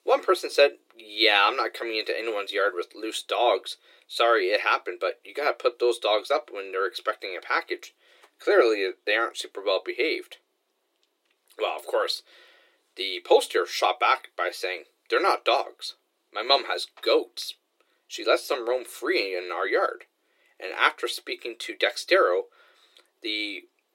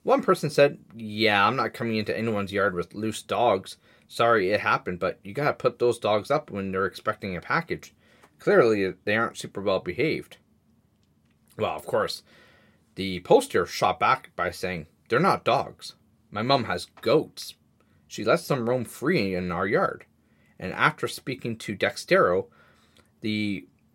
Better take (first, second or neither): second